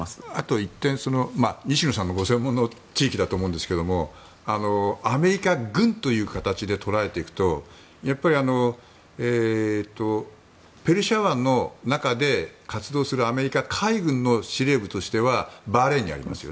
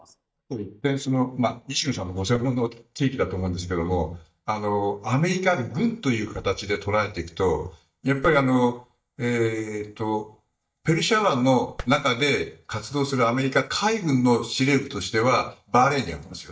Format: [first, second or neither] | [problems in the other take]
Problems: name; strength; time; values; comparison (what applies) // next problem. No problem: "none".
first | noise reduction (neural mask model DeepFilterNet 3)